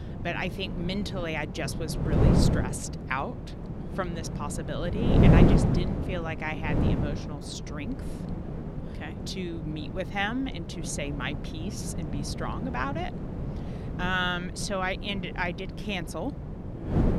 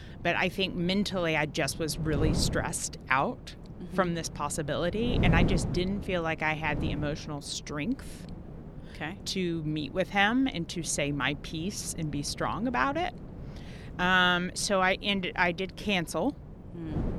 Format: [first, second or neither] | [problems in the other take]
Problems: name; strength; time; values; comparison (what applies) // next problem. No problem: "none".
second | wind noise on the microphone; heavy; 3 dB below the speech; occasional gusts in the second